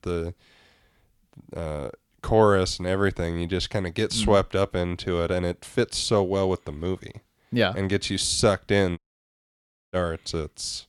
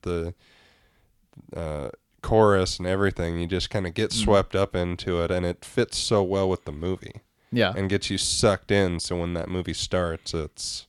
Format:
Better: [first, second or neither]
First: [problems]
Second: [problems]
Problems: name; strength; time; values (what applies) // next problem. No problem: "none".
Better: second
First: audio cutting out; at 9 s for 1 s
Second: none